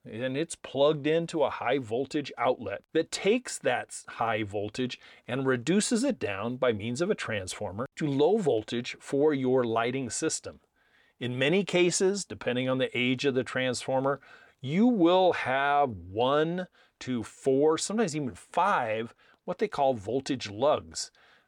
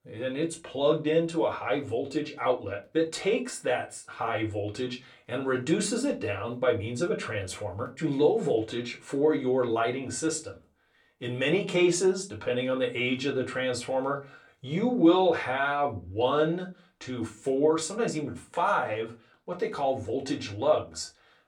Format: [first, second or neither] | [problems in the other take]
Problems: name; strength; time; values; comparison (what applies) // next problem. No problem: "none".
first | off-mic speech; somewhat distant // room echo; very slight; dies away in 0.2 s